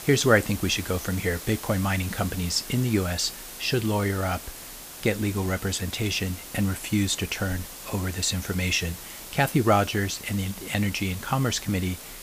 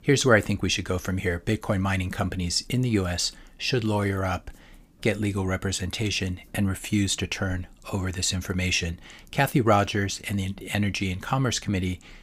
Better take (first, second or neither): second